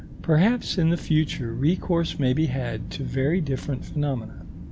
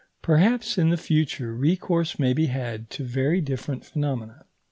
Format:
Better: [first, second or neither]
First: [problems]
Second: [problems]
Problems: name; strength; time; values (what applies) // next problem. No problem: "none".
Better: second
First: background sound (Wind); 11 dB below the speech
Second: none